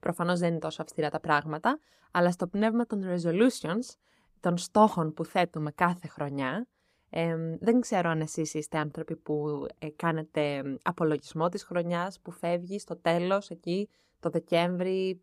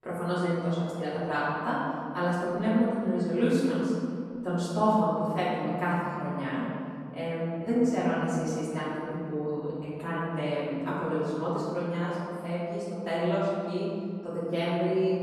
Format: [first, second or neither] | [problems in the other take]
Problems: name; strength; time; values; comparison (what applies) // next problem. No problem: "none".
first | off-mic speech; far // room echo; strong; dies away in 2.4 s